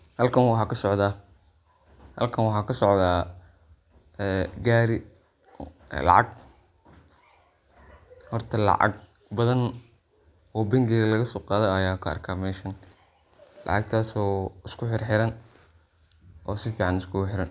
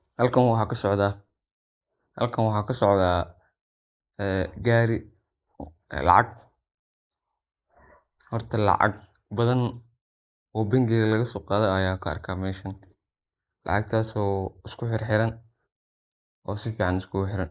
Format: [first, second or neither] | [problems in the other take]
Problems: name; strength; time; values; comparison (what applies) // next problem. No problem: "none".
first | noise reduction (neural mask model Resemble Enhance denoiser)